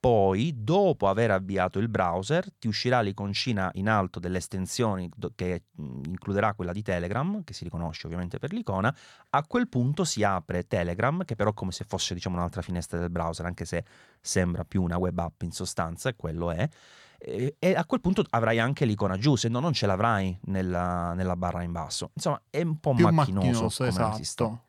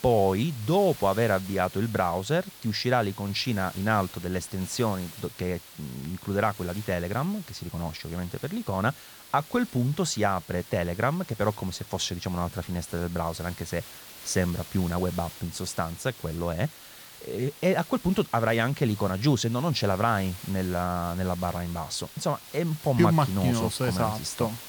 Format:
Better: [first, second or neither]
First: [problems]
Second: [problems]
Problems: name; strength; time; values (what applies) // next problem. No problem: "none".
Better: first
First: none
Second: hiss; noticeable; throughout; 15 dB below the speech